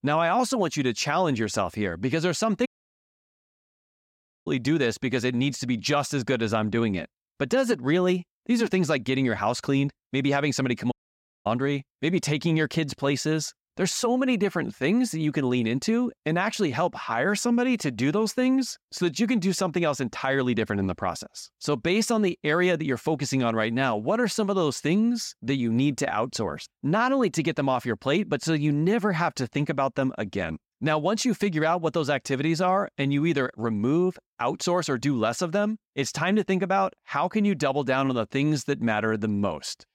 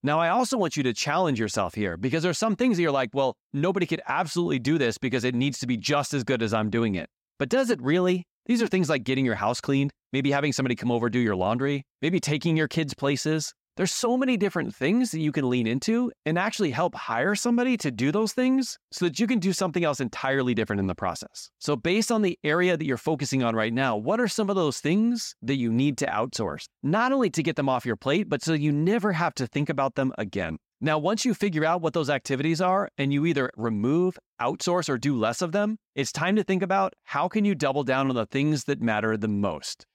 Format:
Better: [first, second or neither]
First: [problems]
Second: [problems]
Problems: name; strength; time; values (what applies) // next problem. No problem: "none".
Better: second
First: audio cutting out; at 2.5 s for 2 s and at 11 s for 0.5 s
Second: none